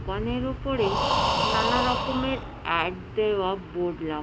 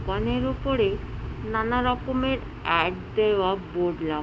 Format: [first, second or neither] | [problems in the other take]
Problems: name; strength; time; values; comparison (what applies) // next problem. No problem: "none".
second | background sound (Breathing); 1 dB below the speech